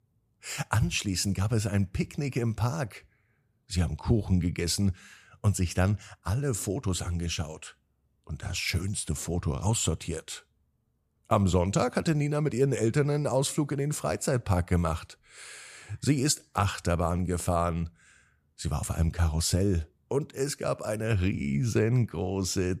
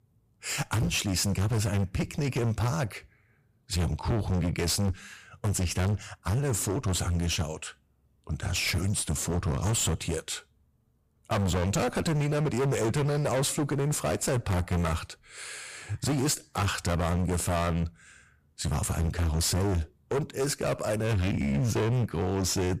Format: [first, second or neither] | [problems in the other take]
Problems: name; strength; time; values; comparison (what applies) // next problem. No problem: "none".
first | distortion; heavy; 26% of the sound clipped